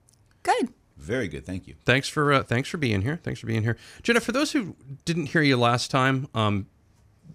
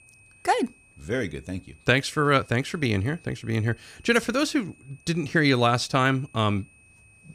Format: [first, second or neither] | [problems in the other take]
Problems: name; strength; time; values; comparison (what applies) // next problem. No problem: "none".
first | high-pitched whine; faint; throughout; 2.5 kHz, 30 dB below the speech